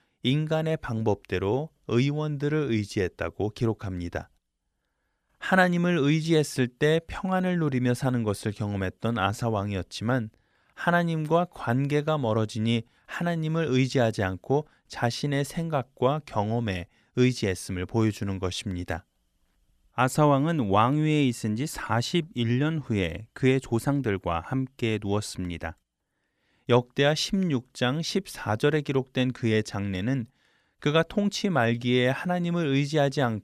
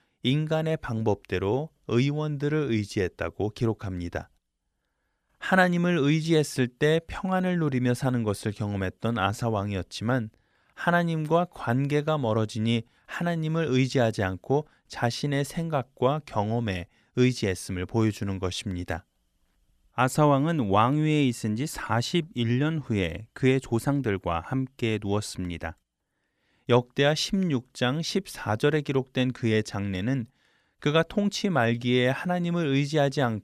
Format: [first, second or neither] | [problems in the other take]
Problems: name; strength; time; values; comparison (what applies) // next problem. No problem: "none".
neither | none